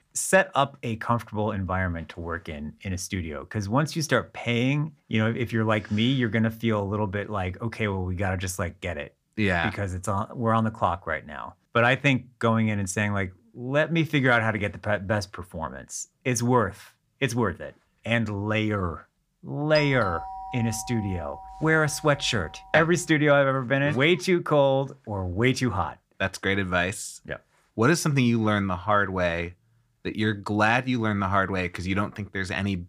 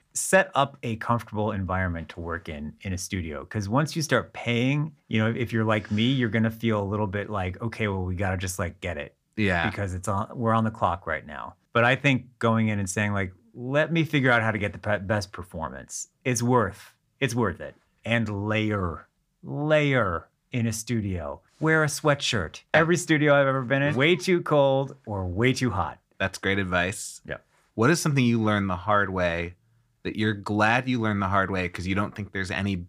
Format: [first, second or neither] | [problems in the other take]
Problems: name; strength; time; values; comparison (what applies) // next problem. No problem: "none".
second | doorbell; noticeable; from 20 to 23 s; peak 9 dB below the speech